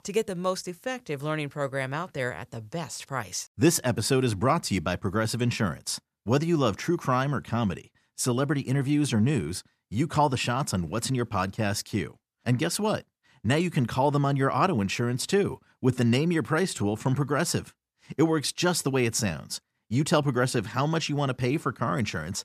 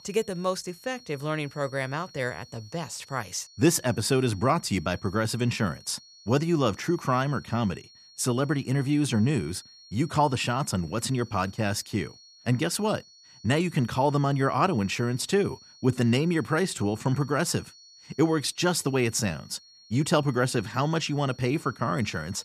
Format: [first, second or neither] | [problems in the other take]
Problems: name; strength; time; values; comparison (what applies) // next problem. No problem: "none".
first | high-pitched whine; faint; throughout; 4.5 kHz, 25 dB below the speech